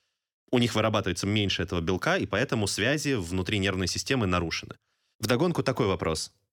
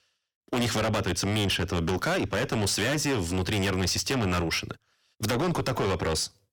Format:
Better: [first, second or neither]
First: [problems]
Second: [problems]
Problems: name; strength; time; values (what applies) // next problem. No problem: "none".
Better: first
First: none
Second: distortion; heavy; 6 dB below the speech